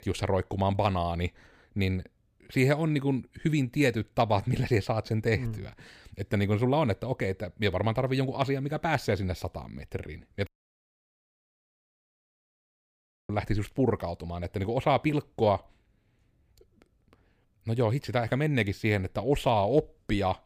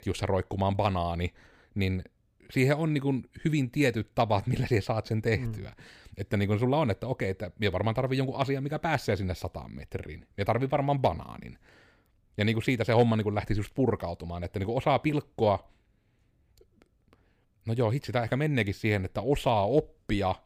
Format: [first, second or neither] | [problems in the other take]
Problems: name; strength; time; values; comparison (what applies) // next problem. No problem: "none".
second | audio cutting out; at 10 s for 3 s